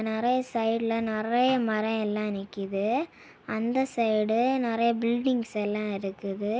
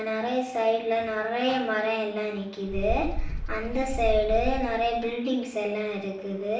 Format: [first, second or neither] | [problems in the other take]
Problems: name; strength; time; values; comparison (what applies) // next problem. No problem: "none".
first | background sound (Bird); 7 dB below the speech // room echo; dies away in 0.5 s